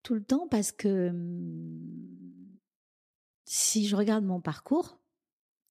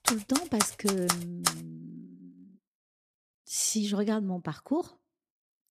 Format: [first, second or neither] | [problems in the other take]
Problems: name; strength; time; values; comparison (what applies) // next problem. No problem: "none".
first | household noises; very faint; until 1.5 s; as loud as the speech